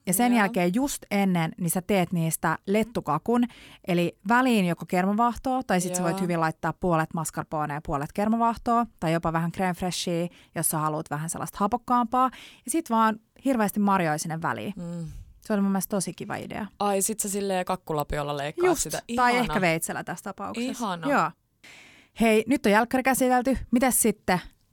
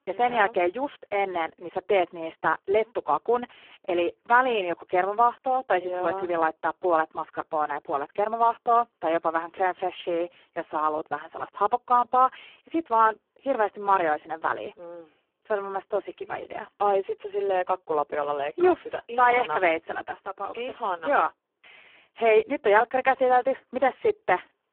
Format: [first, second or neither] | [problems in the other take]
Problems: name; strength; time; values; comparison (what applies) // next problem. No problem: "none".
first | phone-call audio; poor line